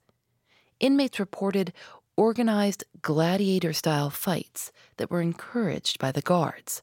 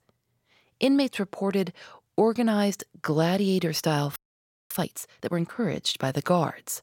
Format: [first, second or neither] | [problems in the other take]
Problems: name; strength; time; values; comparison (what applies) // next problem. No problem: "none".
first | audio freezing; at 4 s for 0.5 s